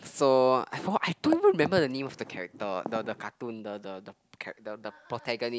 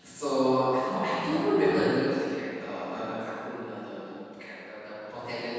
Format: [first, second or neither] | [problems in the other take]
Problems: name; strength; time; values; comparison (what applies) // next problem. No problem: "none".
first | room echo; dies away in 2.1 s